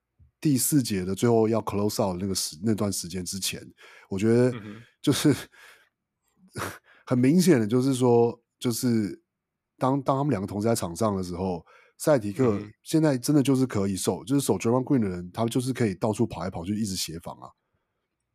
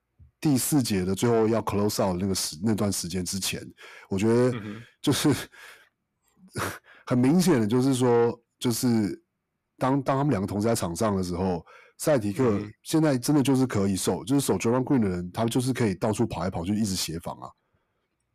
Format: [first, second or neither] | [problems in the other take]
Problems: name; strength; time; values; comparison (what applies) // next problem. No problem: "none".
first | distortion; slight; 10 dB below the speech